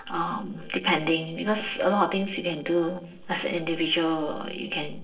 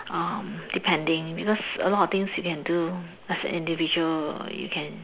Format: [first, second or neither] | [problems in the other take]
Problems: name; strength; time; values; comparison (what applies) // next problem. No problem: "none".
second | noise reduction (neural separator model SepFormer DNS4)